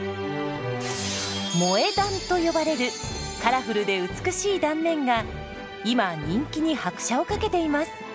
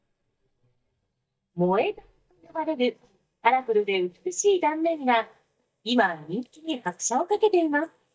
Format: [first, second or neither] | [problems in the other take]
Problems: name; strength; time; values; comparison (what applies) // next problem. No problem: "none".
first | noise reduction (neural mask model DeepFilterNet 3)